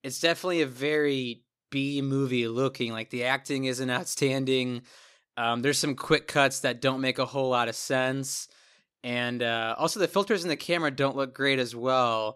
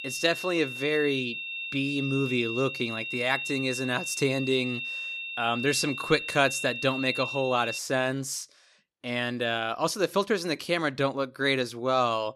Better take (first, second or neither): first